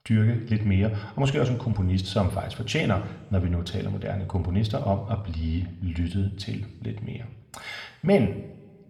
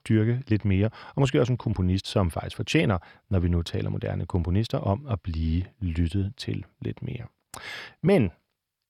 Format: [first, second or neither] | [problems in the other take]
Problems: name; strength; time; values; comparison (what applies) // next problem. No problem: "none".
second | room echo; slight; dies away in 1 s